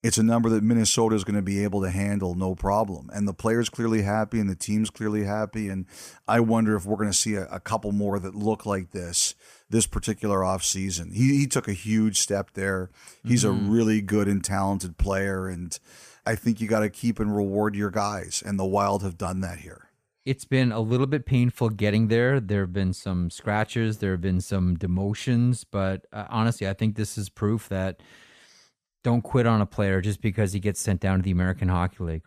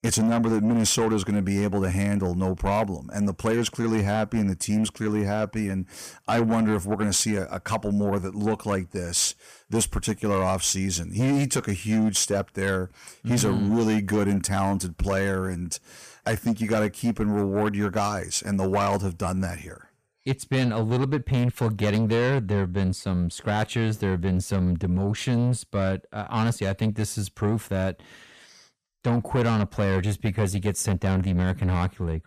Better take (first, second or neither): first